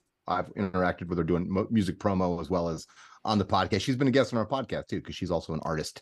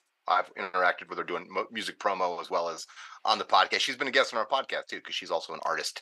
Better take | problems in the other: first | thin; very; fading below 750 Hz

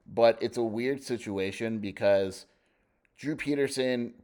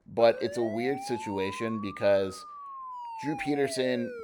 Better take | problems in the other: first | siren; noticeable; peak 10 dB below the speech

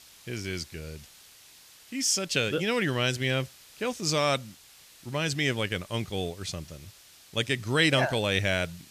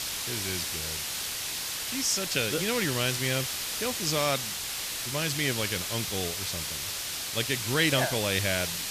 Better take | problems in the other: first | hiss; loud; throughout; 1 dB below the speech; faint in the first

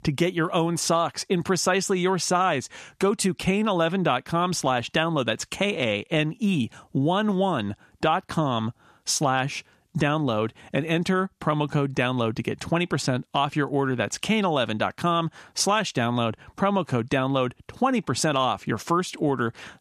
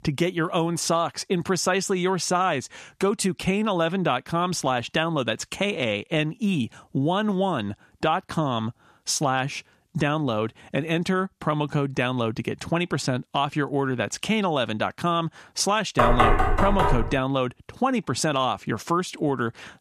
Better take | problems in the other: first | door banging; loud; from 16 to 17 s; peak 6 dB above the speech

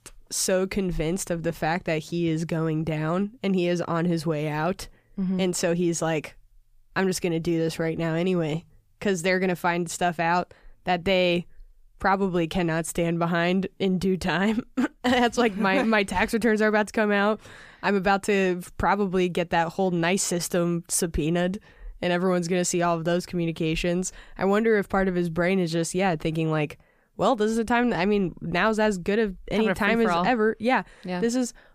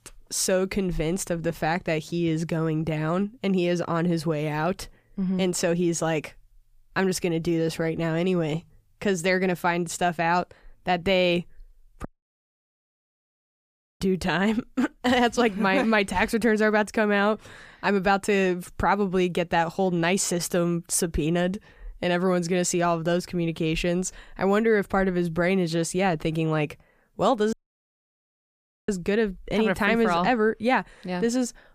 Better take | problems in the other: first | audio cutting out; at 12 s for 2 s and at 28 s for 1.5 s

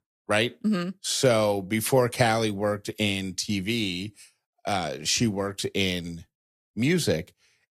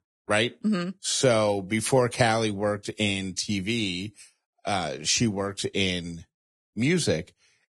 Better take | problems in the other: first | garbled, watery; badly; nothing above 10.5 kHz; slightly in the first

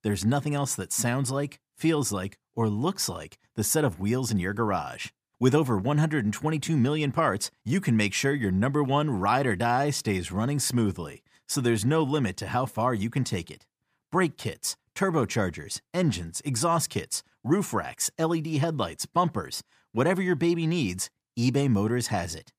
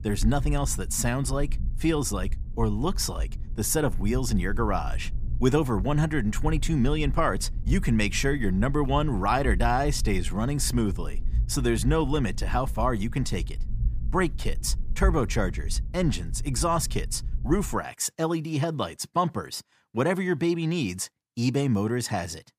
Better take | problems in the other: first | low rumble; faint; until 18 s; 20 dB below the speech

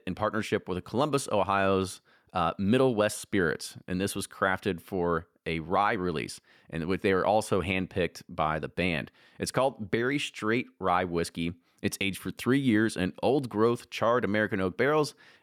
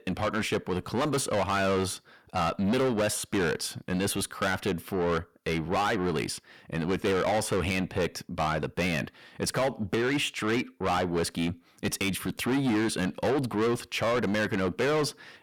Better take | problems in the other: first | distortion; heavy; 6 dB below the speech

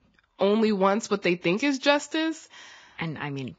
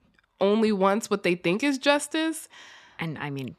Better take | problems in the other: second | garbled, watery; badly; nothing above 7.5 kHz

